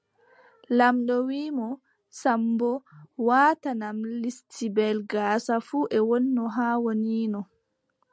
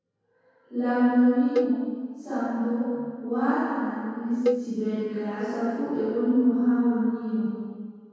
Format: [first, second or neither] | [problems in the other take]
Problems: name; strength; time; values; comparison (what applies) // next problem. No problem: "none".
first | background sound (Cowbell); 7 dB below the speech // room echo; dies away in 2 s